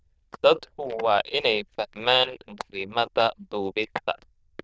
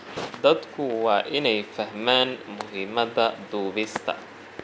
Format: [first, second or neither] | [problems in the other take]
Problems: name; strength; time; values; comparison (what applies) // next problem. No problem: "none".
second | noise reduction (neural diffusion model UNIVERSE++)